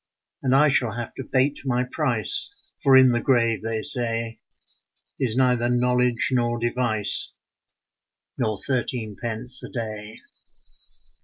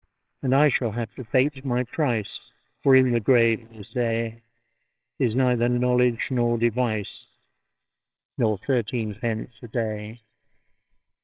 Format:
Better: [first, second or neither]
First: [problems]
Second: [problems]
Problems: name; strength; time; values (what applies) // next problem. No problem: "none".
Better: first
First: none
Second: noise reduction (neural separator model SepFormer WHAMR!)